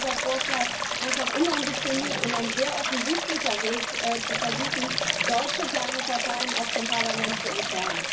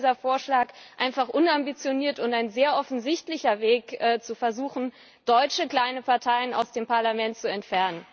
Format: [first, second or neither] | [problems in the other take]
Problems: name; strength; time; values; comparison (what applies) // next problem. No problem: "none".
second | background sound (Stream); 3 dB above the speech // room echo; dies away in 0.4 s